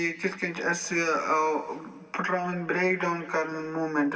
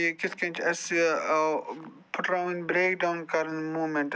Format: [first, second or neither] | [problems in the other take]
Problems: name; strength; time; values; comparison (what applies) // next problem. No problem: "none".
second | room echo; dies away in 2 s